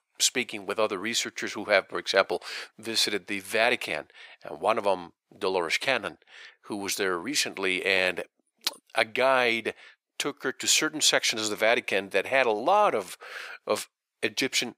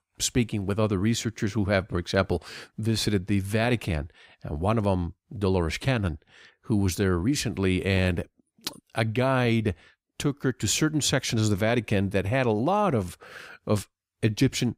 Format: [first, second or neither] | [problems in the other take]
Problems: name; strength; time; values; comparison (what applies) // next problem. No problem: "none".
second | thin; very; fading below 600 Hz